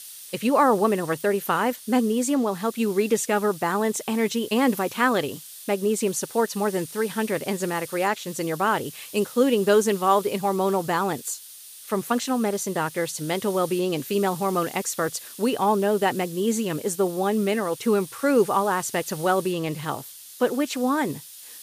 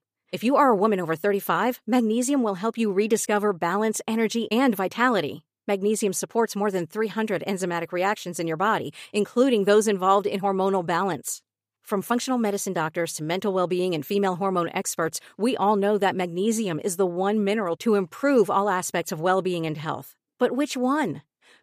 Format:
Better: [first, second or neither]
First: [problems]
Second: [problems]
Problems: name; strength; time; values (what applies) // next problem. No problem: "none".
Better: second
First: hiss; noticeable; throughout; 15 dB below the speech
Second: none